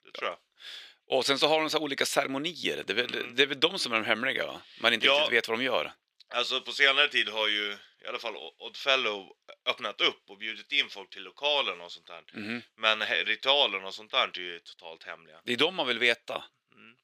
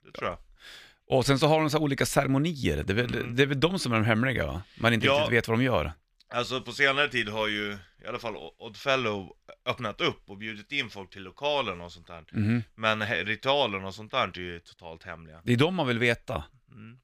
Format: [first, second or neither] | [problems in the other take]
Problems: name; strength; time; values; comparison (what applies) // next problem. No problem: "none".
second | thin; somewhat; fading below 400 Hz